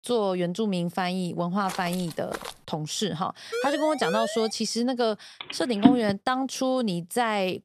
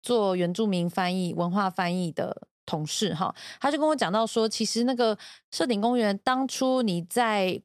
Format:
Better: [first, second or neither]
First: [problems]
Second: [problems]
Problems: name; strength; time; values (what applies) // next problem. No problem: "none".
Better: second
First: footsteps; noticeable; at 1.5 s; peak 10 dB below the speech // siren; noticeable; at 3.5 s; peak 3 dB below the speech // phone ringing; loud; at 6 s; peak 5 dB above the speech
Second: none